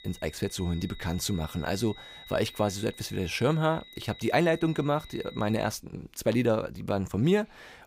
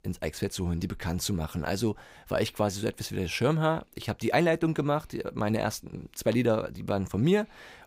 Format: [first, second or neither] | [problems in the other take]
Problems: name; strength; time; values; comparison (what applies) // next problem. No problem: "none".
second | high-pitched whine; noticeable; until 5.5 s; 4 kHz, 20 dB below the speech